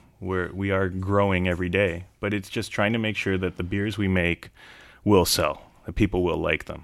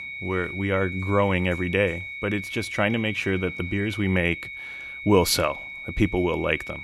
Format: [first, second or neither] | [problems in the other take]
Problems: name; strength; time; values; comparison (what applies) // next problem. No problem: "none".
first | high-pitched whine; loud; throughout; 2 kHz, 9 dB below the speech